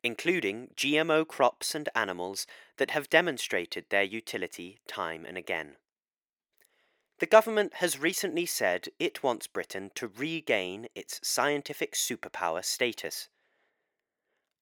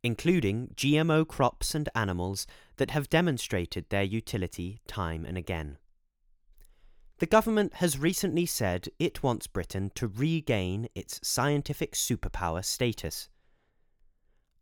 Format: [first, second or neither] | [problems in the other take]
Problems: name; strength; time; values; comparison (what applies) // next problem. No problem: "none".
second | thin; somewhat; fading below 400 Hz